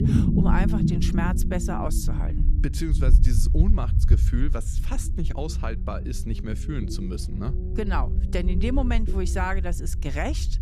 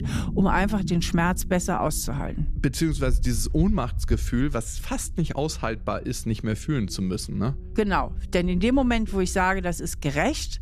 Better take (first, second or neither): second